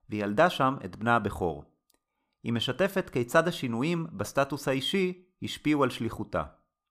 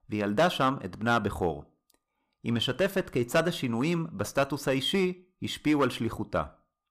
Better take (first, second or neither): first